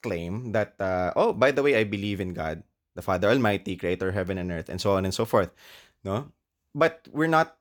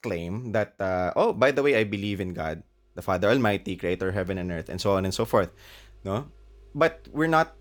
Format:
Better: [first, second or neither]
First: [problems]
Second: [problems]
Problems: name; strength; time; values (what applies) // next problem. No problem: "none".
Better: first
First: none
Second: traffic noise; faint; throughout; 30 dB below the speech